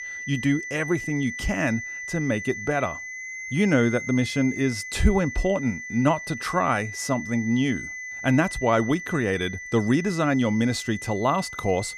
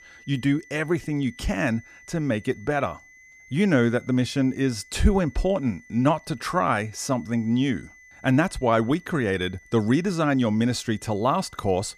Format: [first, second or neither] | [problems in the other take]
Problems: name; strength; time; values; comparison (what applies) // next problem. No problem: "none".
second | high-pitched whine; loud; throughout; 2 kHz, 9 dB below the speech; faint in the second